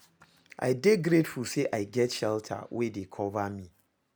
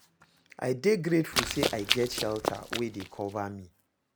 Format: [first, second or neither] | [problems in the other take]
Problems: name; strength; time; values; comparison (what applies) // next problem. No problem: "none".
first | background sound (Run); 2 dB below the speech